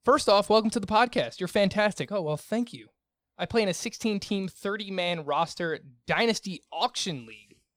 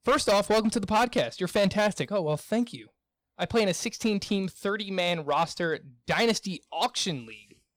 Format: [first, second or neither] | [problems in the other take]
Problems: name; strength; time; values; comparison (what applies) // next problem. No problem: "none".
first | distortion; slight; 5% of the sound clipped